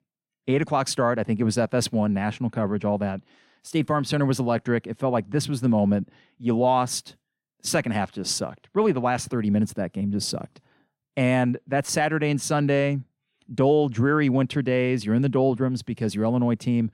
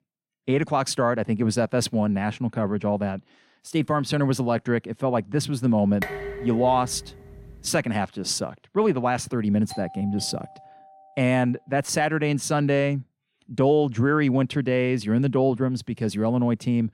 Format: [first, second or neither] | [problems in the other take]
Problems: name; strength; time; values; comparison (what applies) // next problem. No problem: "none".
first | clattering dishes; noticeable; from 6 to 7.5 s; peak 7 dB below the speech // doorbell; faint; from 9.5 to 11 s; peak 15 dB below the speech